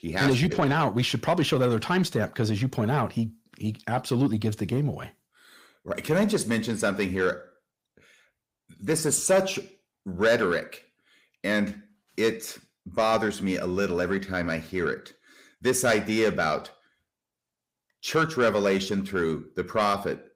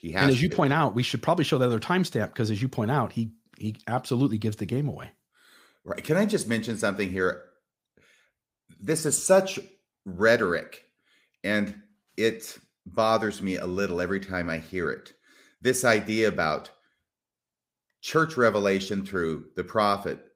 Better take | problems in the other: second | distortion; slight; 10 dB below the speech

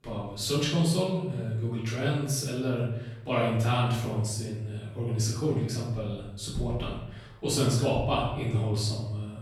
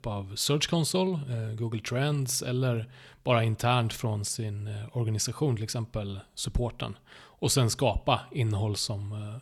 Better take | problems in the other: second | off-mic speech; far // room echo; noticeable; dies away in 0.8 s

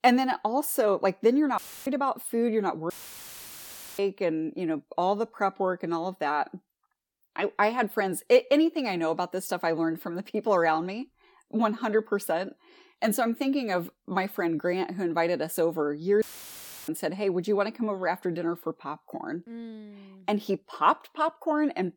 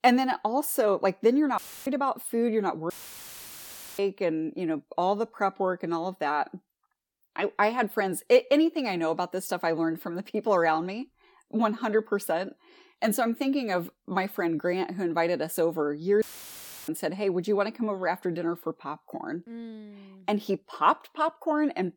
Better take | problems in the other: neither | audio cutting out; filled with static; at 1.5 s, at 3 s for 1 s and at 16 s for 0.5 s; the same in both

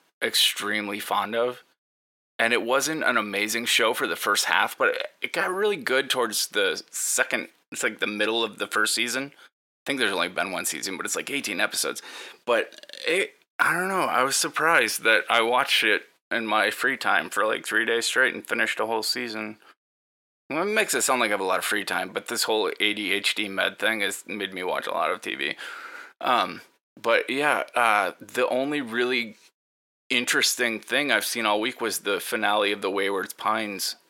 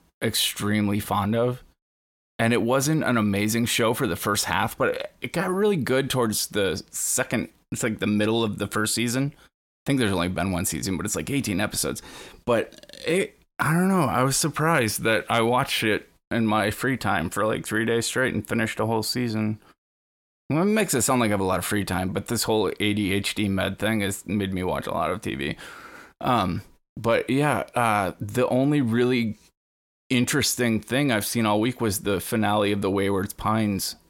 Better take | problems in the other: second | thin; somewhat; fading below 450 Hz

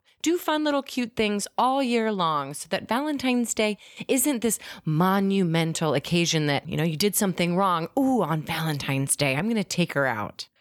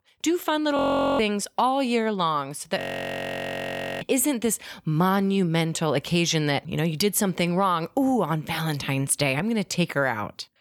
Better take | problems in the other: first | audio freezing; at 1 s and at 3 s for 1 s

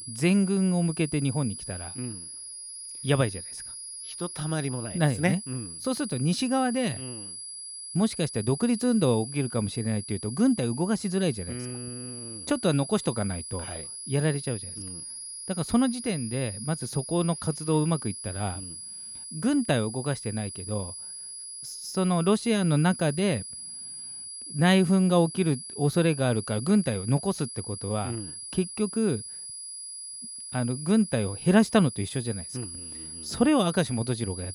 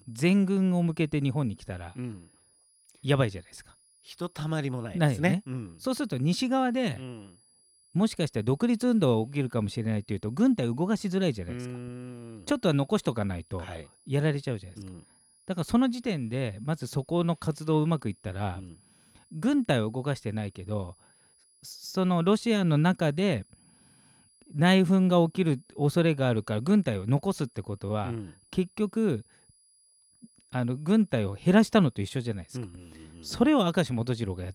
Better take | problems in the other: second | high-pitched whine; loud; throughout; 10 kHz, 10 dB below the speech; faint in the second

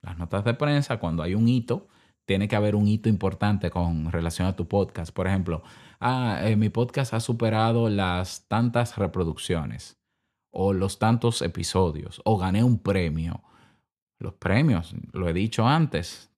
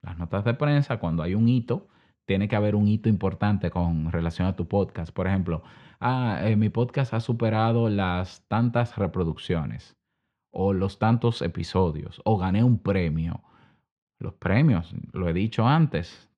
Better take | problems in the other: first | muffled; very slightly; fading above 3.5 kHz

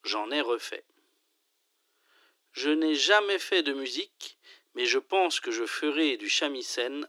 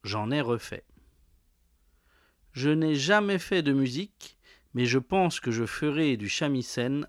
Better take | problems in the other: second | thin; somewhat; fading below 300 Hz

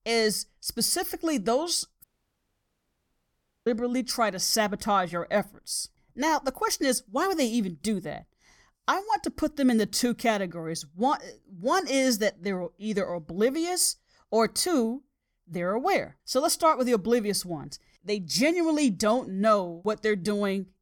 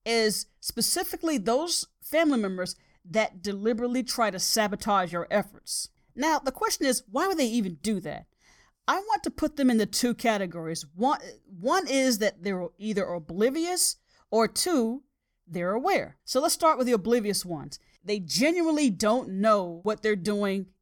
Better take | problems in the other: second | audio cutting out; at 2 s for 1.5 s

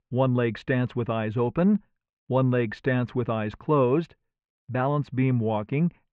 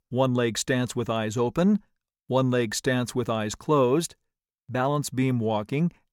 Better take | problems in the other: second | muffled; very; fading above 2.5 kHz

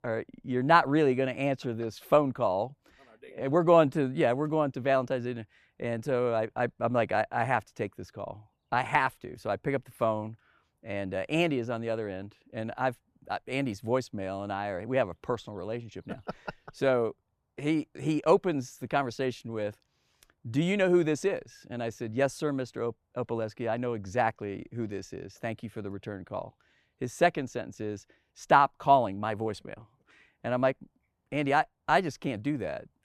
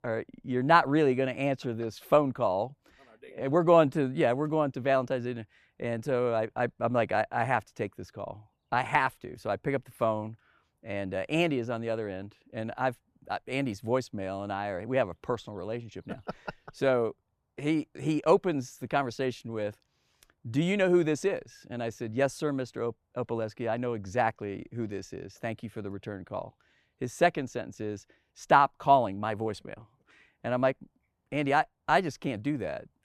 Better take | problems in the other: neither | none

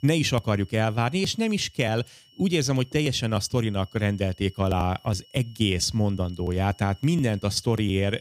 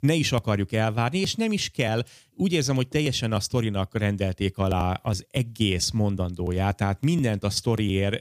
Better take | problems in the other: second | high-pitched whine; faint; throughout; 3 kHz, 30 dB below the speech

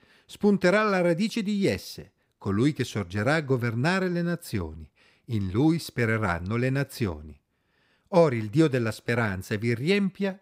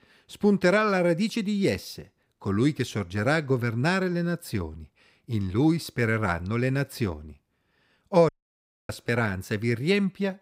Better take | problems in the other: first | audio cutting out; at 8.5 s for 0.5 s

